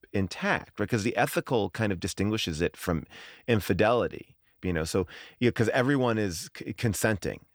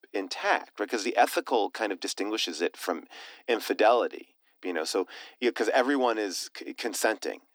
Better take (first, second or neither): first